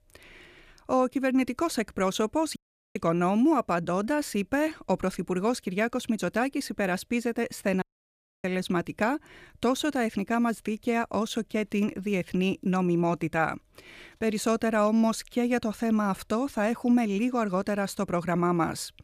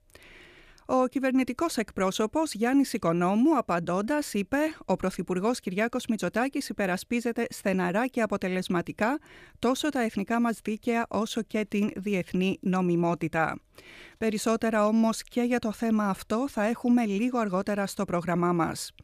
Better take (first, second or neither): second